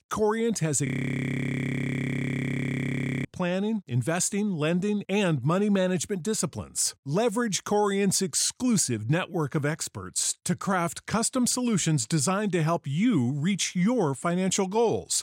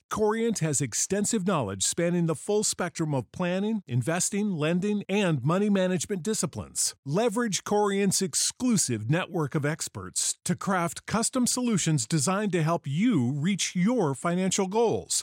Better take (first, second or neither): second